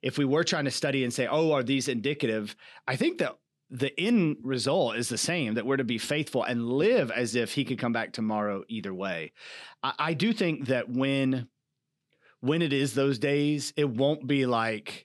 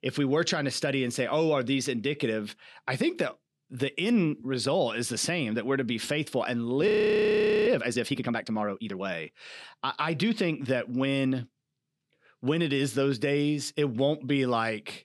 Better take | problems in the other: first | audio freezing; at 7 s for 1 s

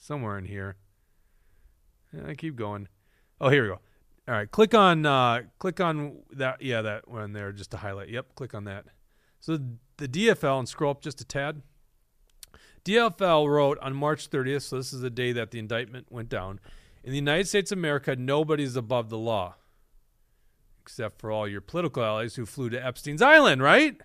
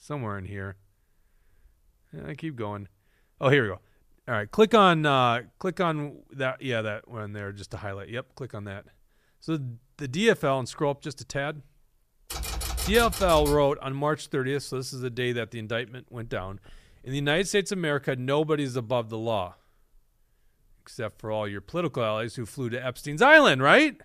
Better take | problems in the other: first | keyboard typing; noticeable; from 12 to 14 s; peak 5 dB below the speech

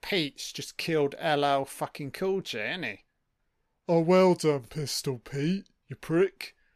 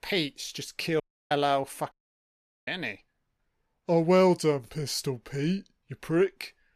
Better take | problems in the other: first | audio cutting out; at 1 s and at 2 s for 1 s

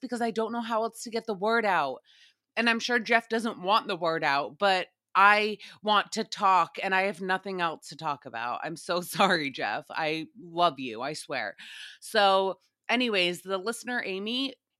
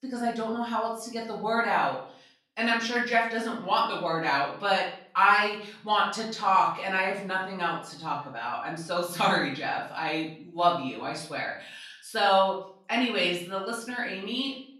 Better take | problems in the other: first | off-mic speech; far // room echo; slight; dies away in 0.5 s

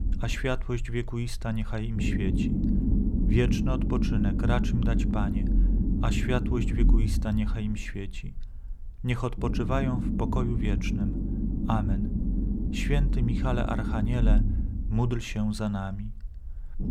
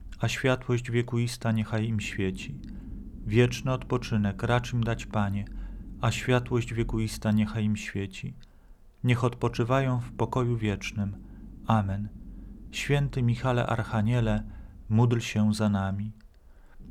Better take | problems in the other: second | low rumble; loud; throughout; 3 dB below the speech; faint in the second

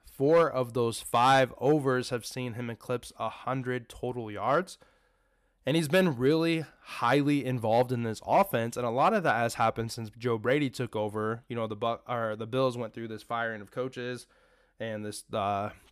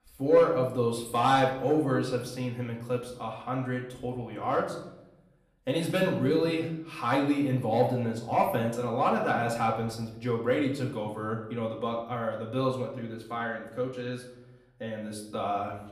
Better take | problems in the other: first | room echo; slight; dies away in 0.8 s // off-mic speech; far

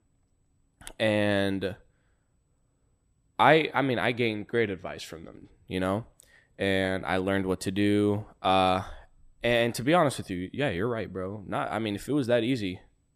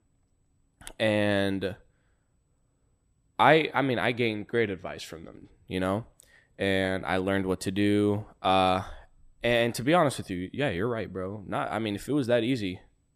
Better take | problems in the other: neither | none

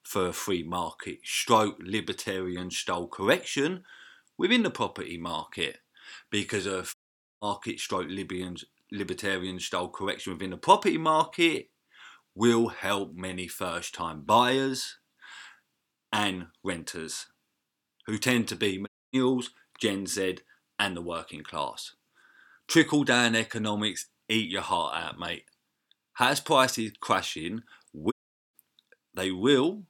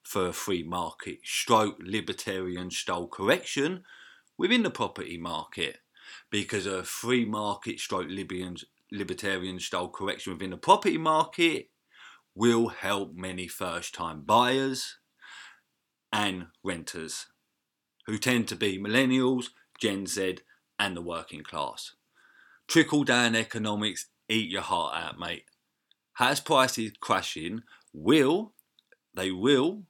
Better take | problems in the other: second | audio cutting out; at 7 s, at 19 s and at 28 s

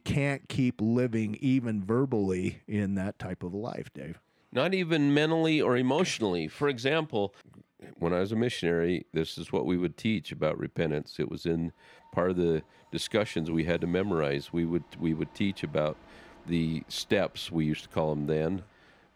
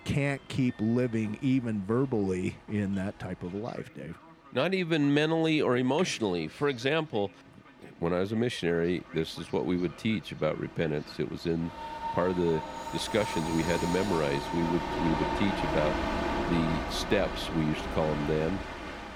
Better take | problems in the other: first | train or aircraft noise; loud; throughout; 4 dB below the speech; faint in the first

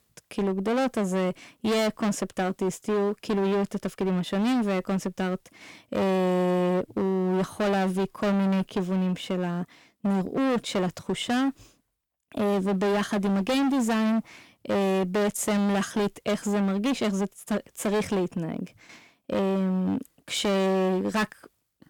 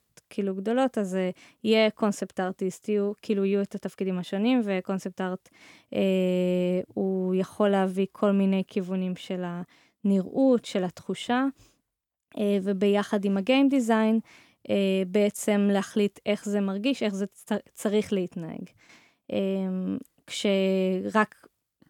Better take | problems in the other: second | distortion; heavy; 24% of the sound clipped

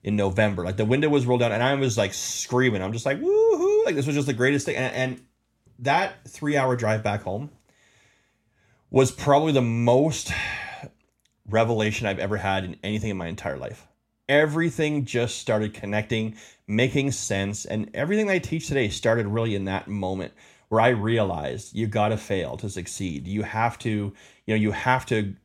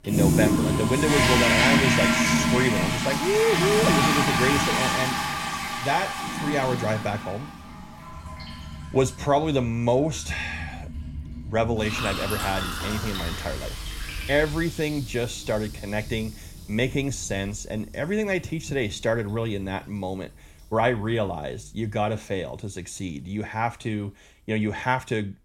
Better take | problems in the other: first | household noises; very loud; throughout; 3 dB above the speech

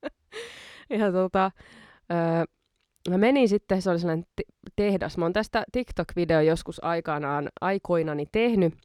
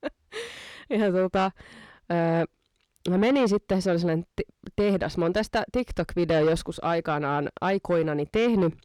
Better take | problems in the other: first | distortion; slight; 10 dB below the speech

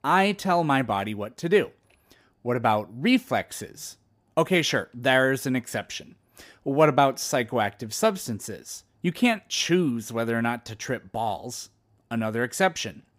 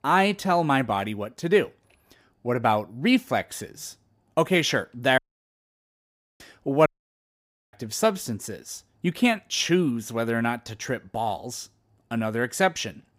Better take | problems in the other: first | audio cutting out; at 5 s for 1 s and at 7 s for 1 s

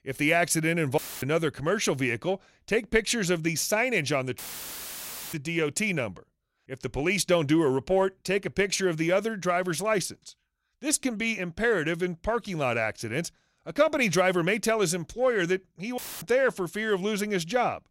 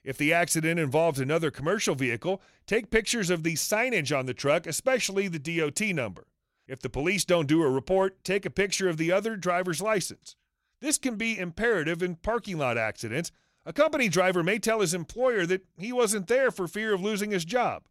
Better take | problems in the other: second | audio cutting out; filled with static; at 1 s, at 4.5 s for 1 s and at 16 s

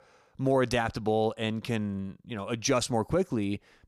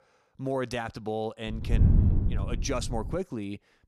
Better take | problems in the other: first | wind noise on the microphone; heavy; from 1.5 to 3 s; 6 dB below the speech

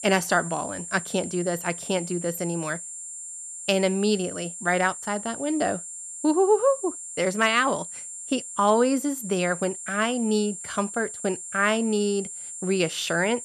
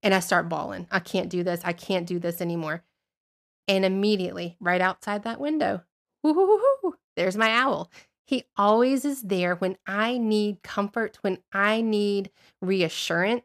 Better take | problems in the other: second | high-pitched whine; loud; throughout; 7.5 kHz, 9 dB below the speech

